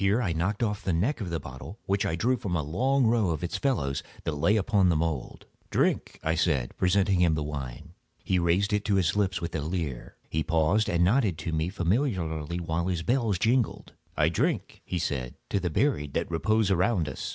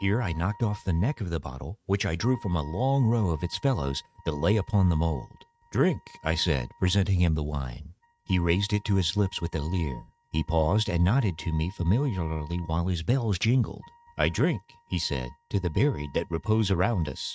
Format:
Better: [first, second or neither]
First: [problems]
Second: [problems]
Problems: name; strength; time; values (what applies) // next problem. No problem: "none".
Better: first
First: none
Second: noise reduction (neural mask model RNNoise)